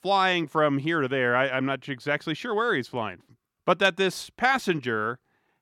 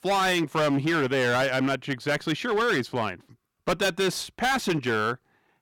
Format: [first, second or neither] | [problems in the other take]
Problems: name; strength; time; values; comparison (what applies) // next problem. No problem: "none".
first | distortion; heavy; 15% of the sound clipped